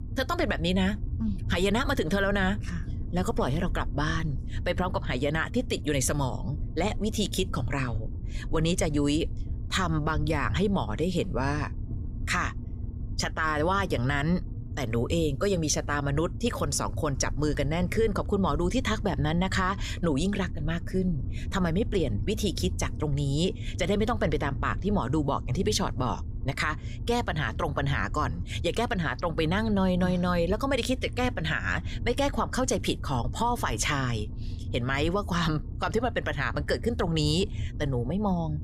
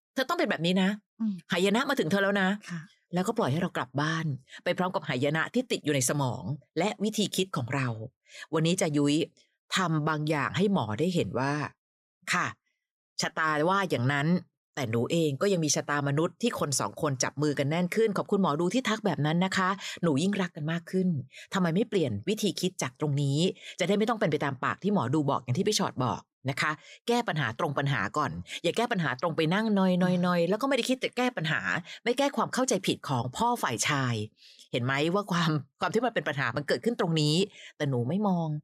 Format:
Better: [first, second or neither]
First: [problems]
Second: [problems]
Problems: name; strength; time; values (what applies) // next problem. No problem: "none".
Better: second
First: low rumble; noticeable; throughout; 20 dB below the speech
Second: none